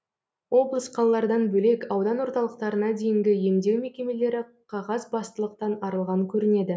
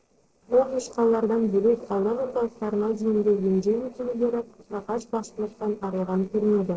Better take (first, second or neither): first